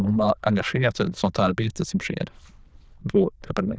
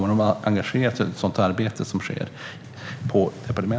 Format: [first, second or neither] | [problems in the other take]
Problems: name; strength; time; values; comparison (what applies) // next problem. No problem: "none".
second | noise reduction (neural diffusion model UNIVERSE++)